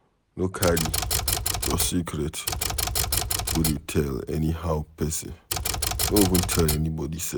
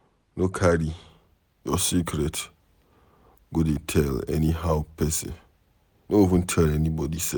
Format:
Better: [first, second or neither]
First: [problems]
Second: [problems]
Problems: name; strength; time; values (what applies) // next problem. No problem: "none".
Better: second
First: background sound (Typewriter); as loud as the speech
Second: none